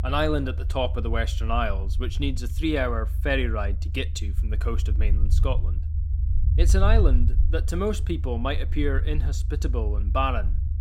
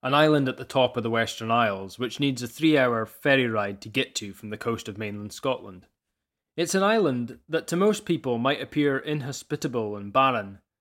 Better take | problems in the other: second | low rumble; noticeable; throughout; 15 dB below the speech

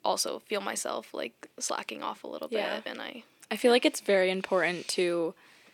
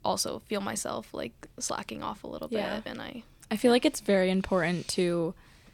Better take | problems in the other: second | thin; very slightly; fading below 350 Hz

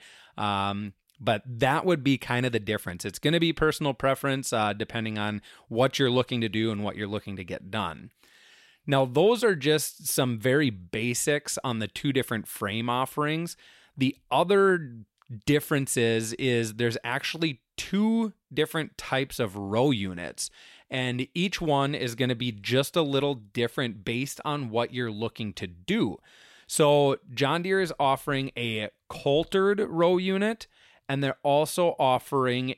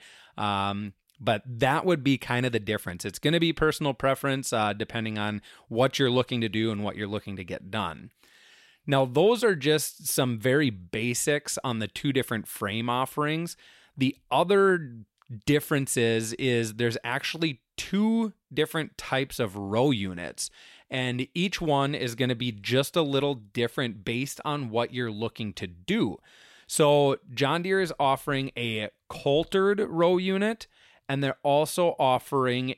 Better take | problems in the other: neither | none

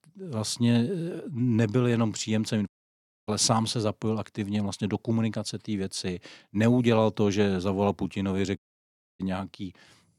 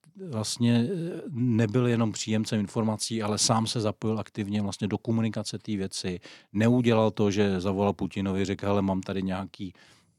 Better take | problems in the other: second | audio cutting out; at 2.5 s for 0.5 s and at 8.5 s for 0.5 s

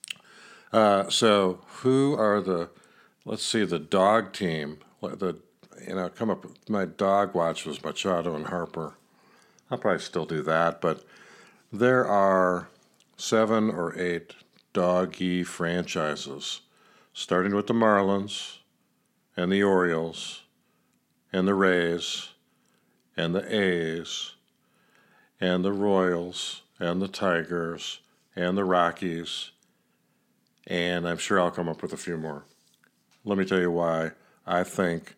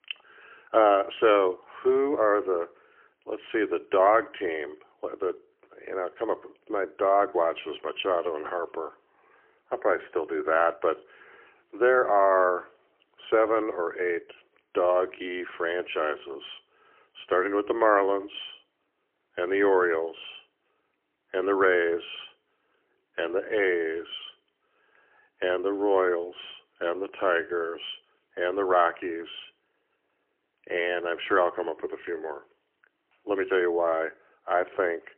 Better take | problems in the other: first | phone-call audio; poor line; nothing above 3 kHz

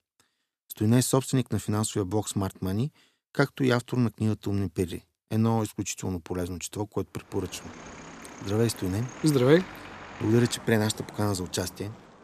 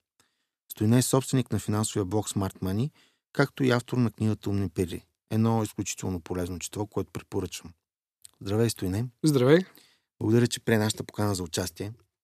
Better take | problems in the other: second | traffic noise; noticeable; from 7.5 s on; 15 dB below the speech

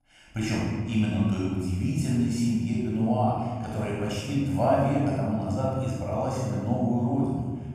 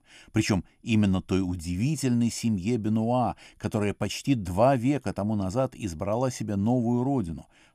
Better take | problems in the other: second | off-mic speech; far // room echo; strong; dies away in 1.6 s

